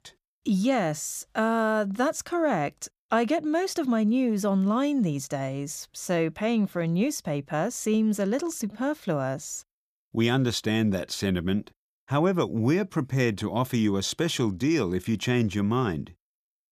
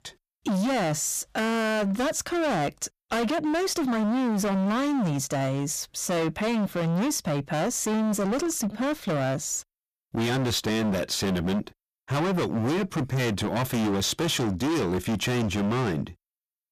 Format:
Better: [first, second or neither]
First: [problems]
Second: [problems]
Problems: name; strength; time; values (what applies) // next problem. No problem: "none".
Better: first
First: none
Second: distortion; heavy; 36% of the sound clipped